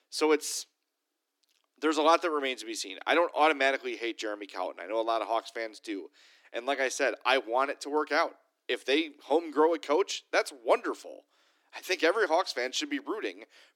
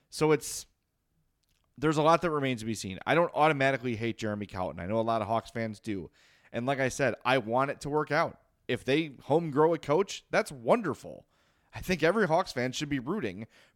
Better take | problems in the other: second | thin; somewhat; fading below 300 Hz

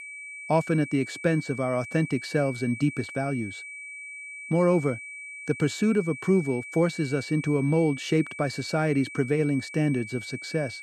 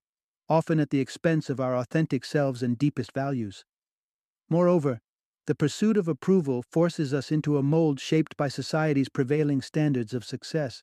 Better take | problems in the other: second | high-pitched whine; noticeable; throughout; 2.5 kHz, 10 dB below the speech

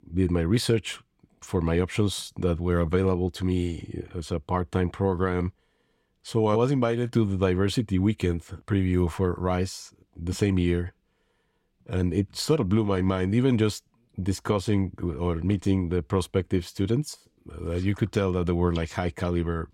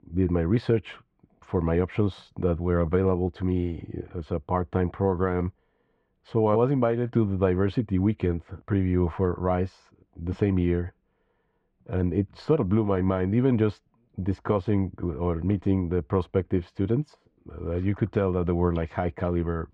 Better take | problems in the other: first | muffled; very; fading above 2 kHz

